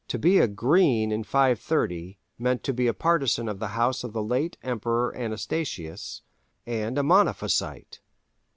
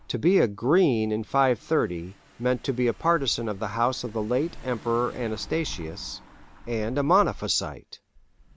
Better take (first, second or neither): first